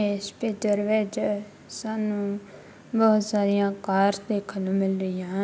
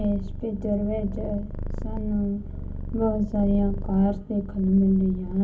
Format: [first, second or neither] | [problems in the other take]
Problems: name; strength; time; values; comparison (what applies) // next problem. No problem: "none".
first | background sound (Purr); 6 dB below the speech // room echo; dies away in 0.3 s